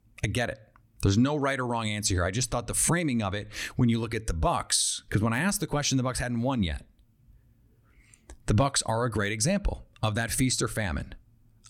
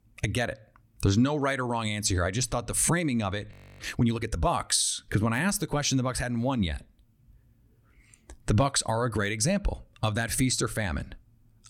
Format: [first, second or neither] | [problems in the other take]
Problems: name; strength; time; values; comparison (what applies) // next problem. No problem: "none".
first | audio freezing; at 3.5 s